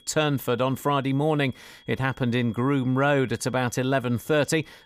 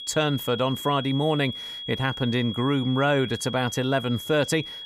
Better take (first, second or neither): first